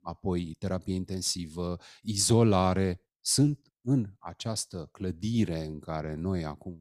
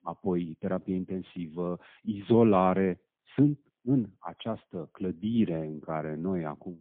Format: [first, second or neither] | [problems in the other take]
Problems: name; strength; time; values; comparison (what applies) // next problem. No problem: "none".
first | phone-call audio; poor line